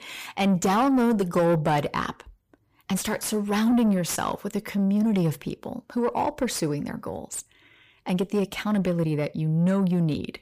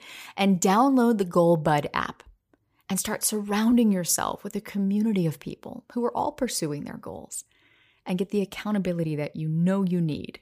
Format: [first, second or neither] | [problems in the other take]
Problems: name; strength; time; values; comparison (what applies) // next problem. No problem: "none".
second | distortion; slight; 10 dB below the speech